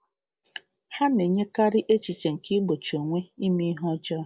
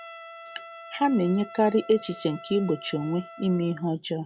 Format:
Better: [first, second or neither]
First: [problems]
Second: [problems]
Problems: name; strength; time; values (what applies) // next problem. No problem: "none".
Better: first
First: none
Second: background sound (Trumpet); 17 dB below the speech